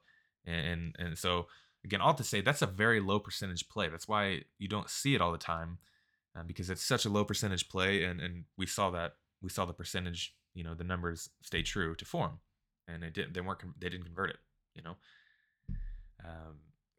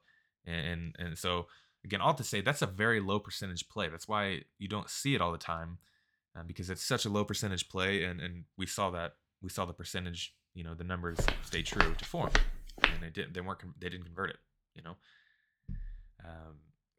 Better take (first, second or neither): first